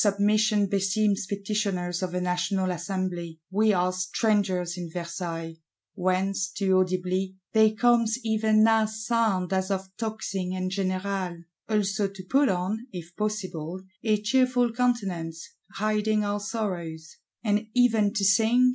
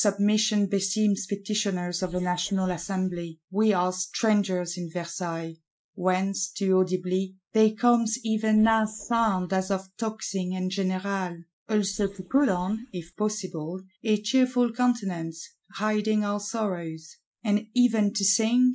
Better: first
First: none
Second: noise reduction (neural mask model Resemble Enhance denoiser)

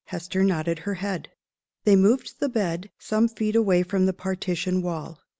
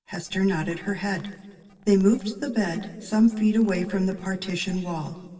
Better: first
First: none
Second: noise reduction (neural separator model SepFormer DNS4)

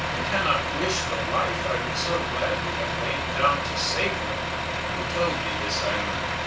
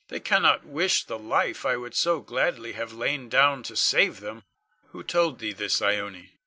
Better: second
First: background sound (Truck); 1 dB above the speech // room echo; dies away in 0.4 s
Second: none

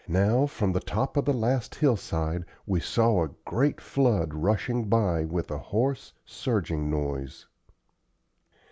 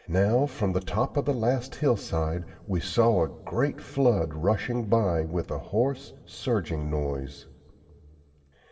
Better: first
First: none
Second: room echo; dies away in 2.2 s

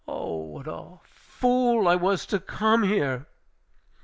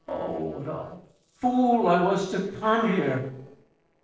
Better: first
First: none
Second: noise reduction (neural separator model SepFormer DNS4)

